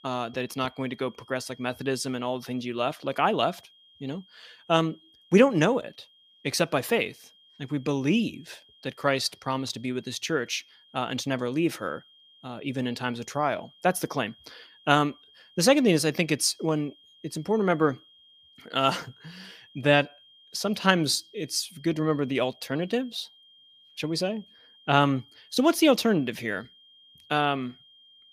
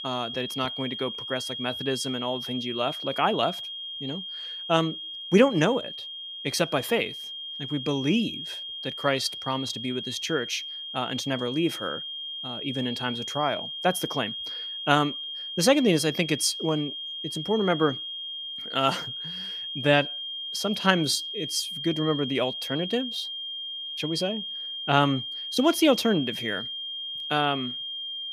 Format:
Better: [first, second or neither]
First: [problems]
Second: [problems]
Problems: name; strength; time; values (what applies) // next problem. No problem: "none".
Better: first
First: high-pitched whine; faint; throughout; 3 kHz, 30 dB below the speech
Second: high-pitched whine; loud; throughout; 3 kHz, 6 dB below the speech